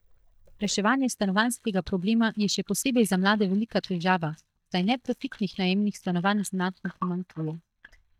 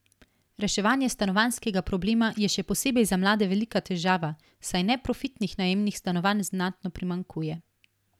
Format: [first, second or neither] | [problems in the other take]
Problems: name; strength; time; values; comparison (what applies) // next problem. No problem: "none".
second | noise reduction (neural mask model DeepFilterNet 3)